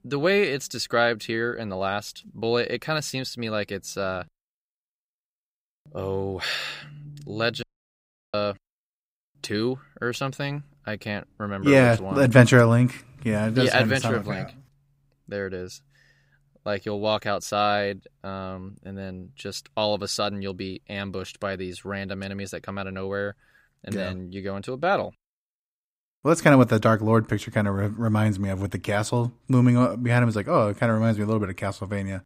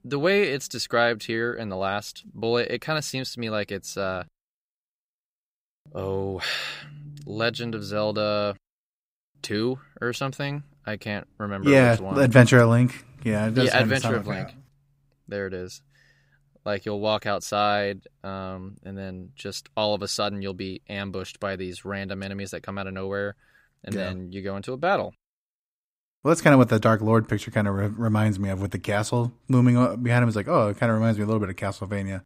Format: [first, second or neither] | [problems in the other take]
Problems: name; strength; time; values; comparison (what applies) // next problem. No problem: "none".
second | audio cutting out; at 7.5 s for 0.5 s